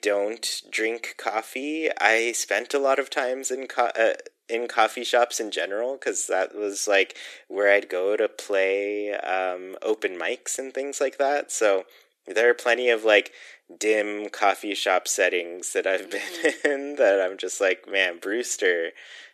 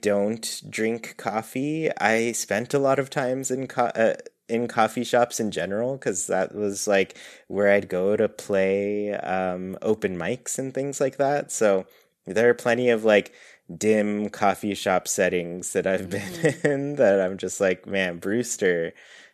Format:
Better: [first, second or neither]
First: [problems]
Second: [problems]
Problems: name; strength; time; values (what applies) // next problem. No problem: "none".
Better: second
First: thin; somewhat; fading below 300 Hz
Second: none